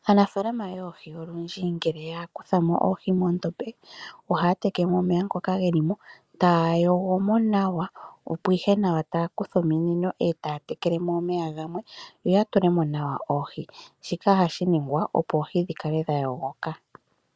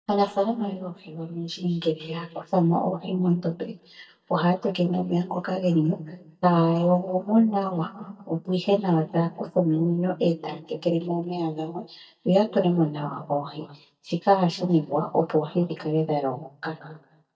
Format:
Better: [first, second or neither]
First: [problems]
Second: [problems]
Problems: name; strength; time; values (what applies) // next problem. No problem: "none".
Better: first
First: none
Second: noise reduction (neural mask model DeepFilterNet 3)